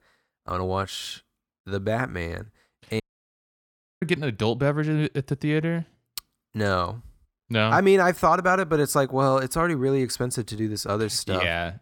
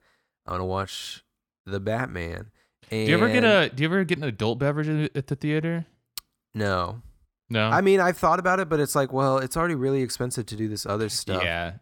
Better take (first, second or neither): second